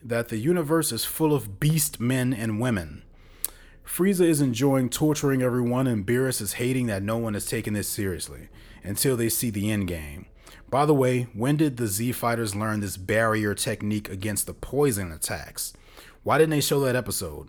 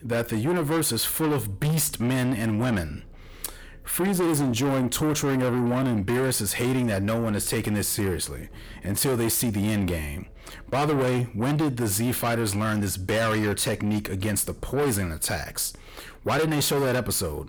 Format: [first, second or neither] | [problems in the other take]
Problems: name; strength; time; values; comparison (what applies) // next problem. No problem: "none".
first | distortion; heavy; 7 dB below the speech